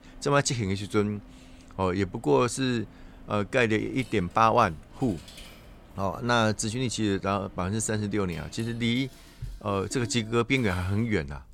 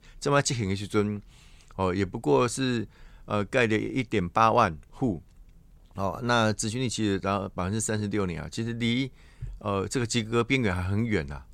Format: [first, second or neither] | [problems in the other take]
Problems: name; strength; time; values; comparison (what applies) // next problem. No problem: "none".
second | household noises; faint; throughout; 25 dB below the speech